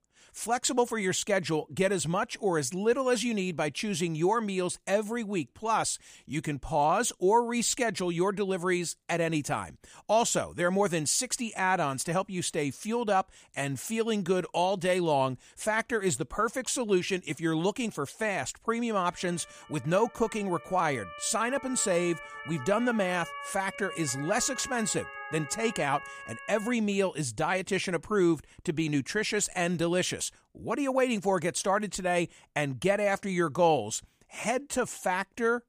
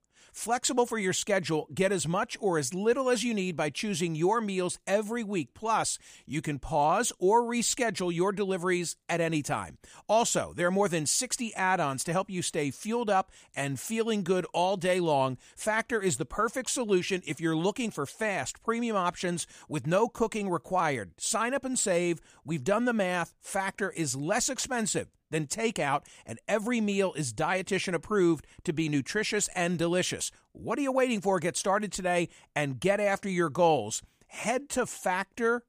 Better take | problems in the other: second | siren; faint; from 19 to 27 s; peak 10 dB below the speech

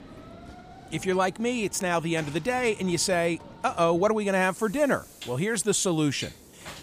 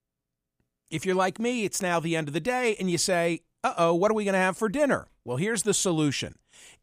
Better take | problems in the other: second | train or aircraft noise; noticeable; throughout; 20 dB below the speech

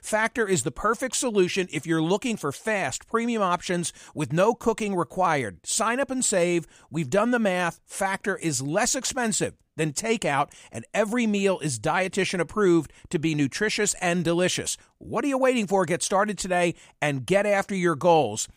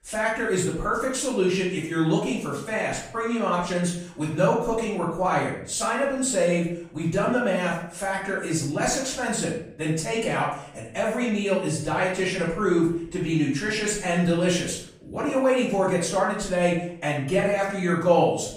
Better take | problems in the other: first | off-mic speech; far // room echo; noticeable; dies away in 0.6 s

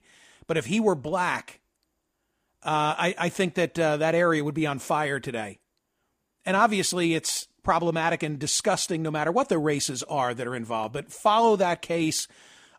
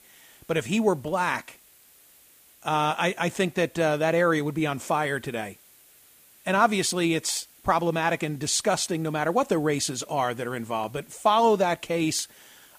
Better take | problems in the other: first | hiss; faint; throughout; 25 dB below the speech

